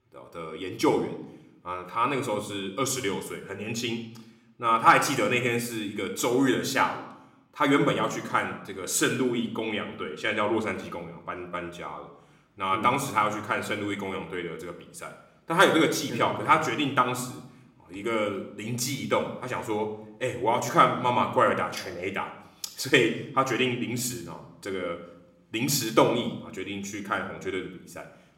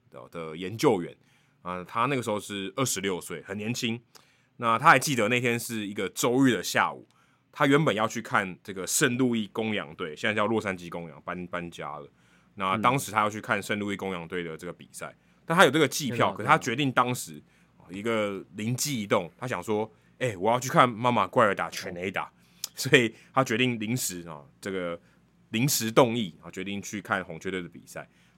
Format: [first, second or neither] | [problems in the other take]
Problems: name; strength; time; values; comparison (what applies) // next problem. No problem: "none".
second | room echo; slight; dies away in 0.7 s